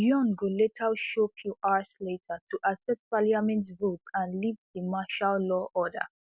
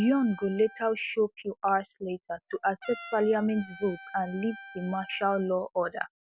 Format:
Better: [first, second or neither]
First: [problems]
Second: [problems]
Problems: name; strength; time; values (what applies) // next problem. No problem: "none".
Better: first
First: none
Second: background sound (Trumpet); 20 dB below the speech